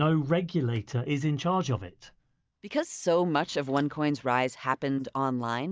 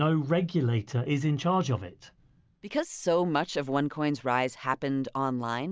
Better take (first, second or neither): second